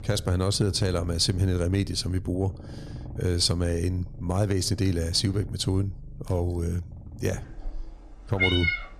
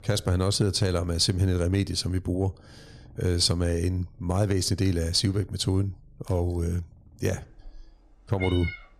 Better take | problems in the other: second | animal sounds; loud; throughout; 9 dB below the speech; faint in the second

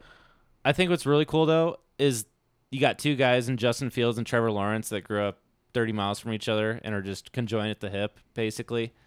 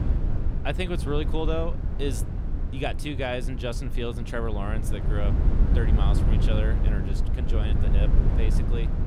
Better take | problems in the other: first | low rumble; loud; throughout; 6 dB below the speech

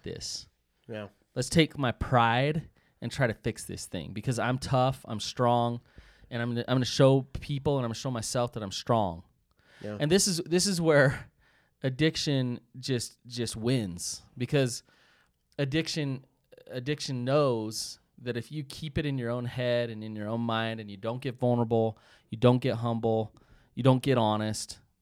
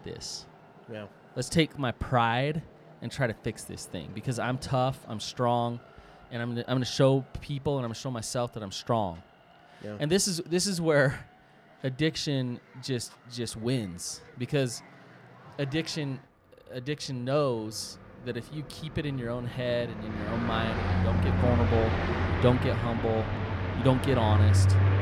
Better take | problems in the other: first | traffic noise; very loud; throughout; 2 dB above the speech

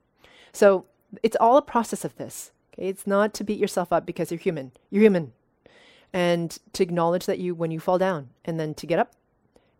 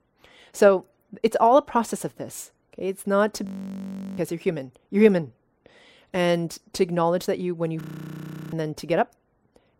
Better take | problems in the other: first | audio freezing; at 3.5 s for 0.5 s and at 8 s for 0.5 s

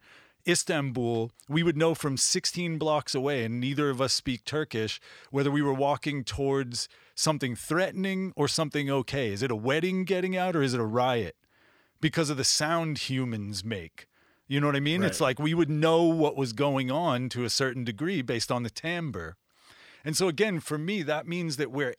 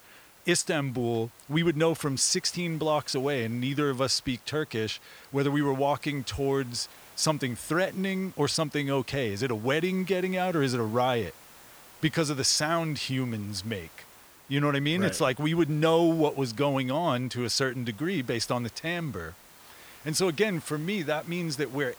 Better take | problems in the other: first | hiss; faint; throughout; 20 dB below the speech

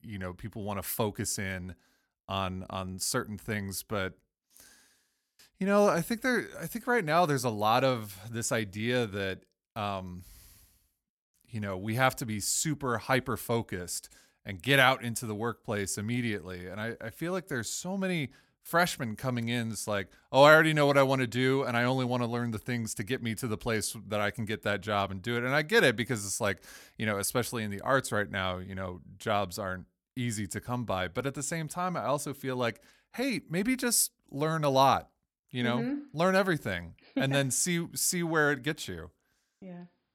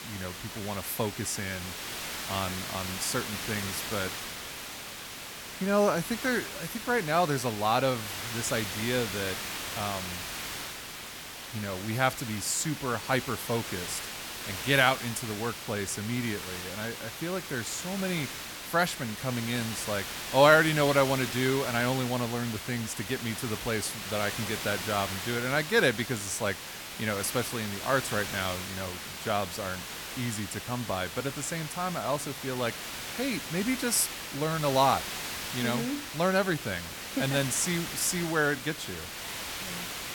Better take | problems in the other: first | hiss; loud; throughout; 6 dB below the speech

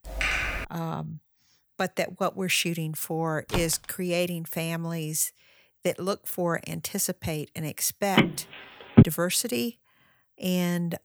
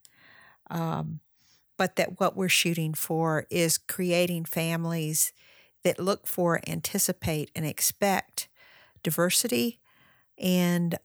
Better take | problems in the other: second | keyboard typing; loud; at the start; peak 3 dB above the speech // door banging; noticeable; at 3.5 s; peak 5 dB below the speech // phone ringing; loud; at 8 s; peak 10 dB above the speech

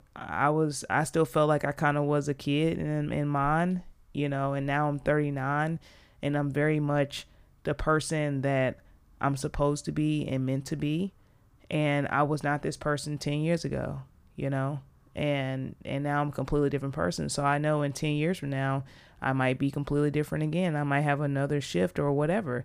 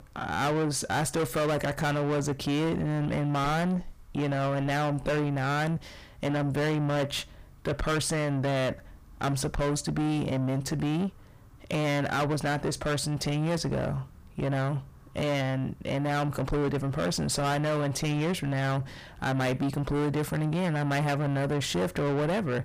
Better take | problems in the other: first | distortion; heavy; 6 dB below the speech

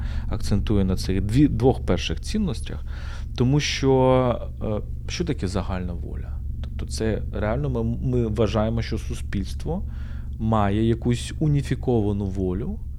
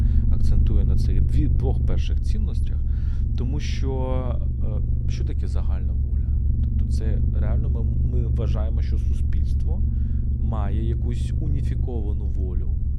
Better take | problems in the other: first | low rumble; loud; throughout; 1 dB below the speech; faint in the first

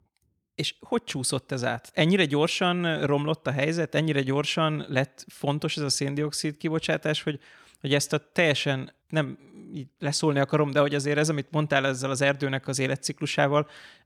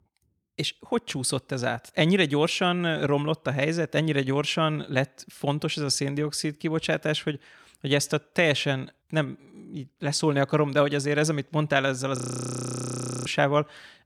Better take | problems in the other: first | audio freezing; at 12 s for 1 s

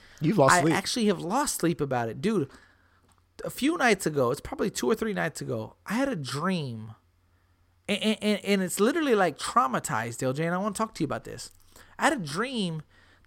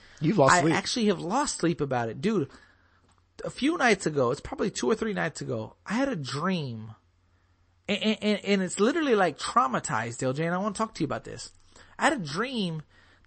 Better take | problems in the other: first | garbled, watery; slightly; nothing above 8 kHz

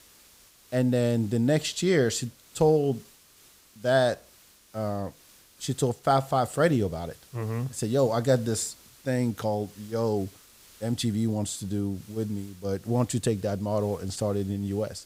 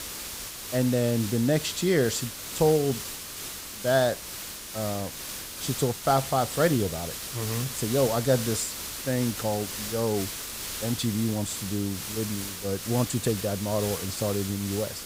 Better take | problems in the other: first | hiss; loud; throughout; 6 dB below the speech; faint in the first

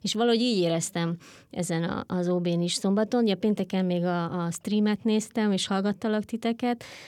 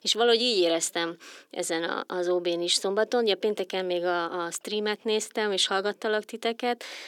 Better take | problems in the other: first | thin; somewhat; fading below 350 Hz

